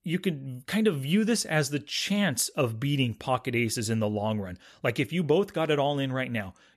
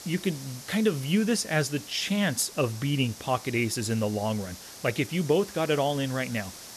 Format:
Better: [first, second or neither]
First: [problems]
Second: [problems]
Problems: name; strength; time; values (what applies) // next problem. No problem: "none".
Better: first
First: none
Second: hiss; noticeable; throughout; 15 dB below the speech